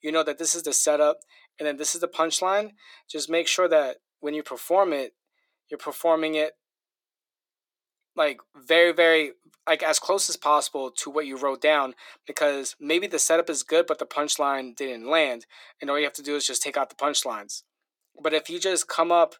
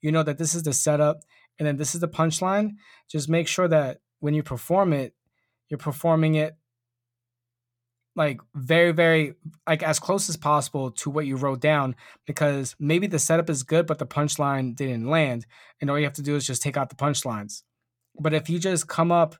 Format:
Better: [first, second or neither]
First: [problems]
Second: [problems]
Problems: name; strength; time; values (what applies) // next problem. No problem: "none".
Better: second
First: thin; very; fading below 350 Hz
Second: none